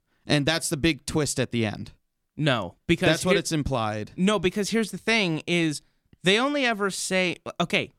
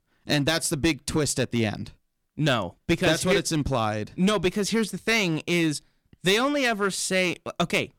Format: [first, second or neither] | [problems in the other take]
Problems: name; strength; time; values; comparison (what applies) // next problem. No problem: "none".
first | distortion; slight; 5% of the sound clipped